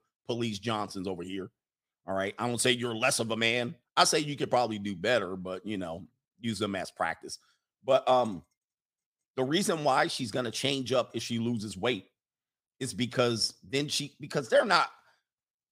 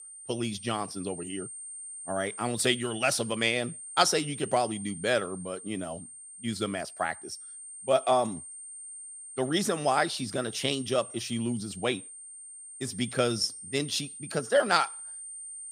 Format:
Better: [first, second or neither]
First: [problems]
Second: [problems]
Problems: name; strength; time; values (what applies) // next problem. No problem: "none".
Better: first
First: none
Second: high-pitched whine; noticeable; throughout; 8.5 kHz, 10 dB below the speech